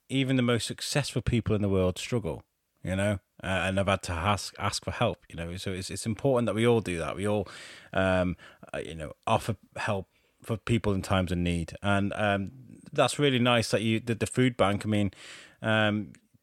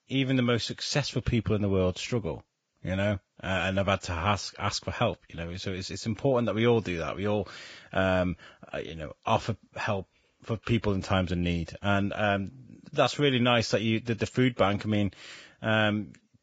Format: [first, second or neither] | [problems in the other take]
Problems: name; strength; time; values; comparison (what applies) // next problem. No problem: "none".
first | garbled, watery; badly; nothing above 7.5 kHz